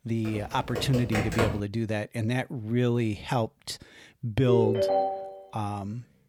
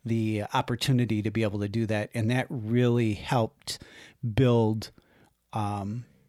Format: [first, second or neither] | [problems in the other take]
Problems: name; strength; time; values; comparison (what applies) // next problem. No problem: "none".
second | keyboard typing; loud; until 1.5 s; peak 1 dB above the speech // phone ringing; loud; at 4.5 s; peak 4 dB above the speech